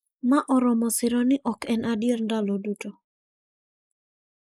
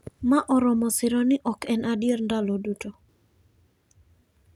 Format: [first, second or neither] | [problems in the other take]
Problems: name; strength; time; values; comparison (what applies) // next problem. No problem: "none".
second | noise reduction (neural mask model Resemble Enhance denoiser)